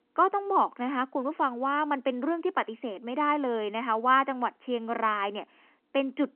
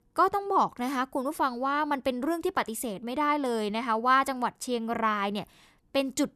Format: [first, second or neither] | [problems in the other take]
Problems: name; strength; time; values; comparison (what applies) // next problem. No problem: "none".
second | phone-call audio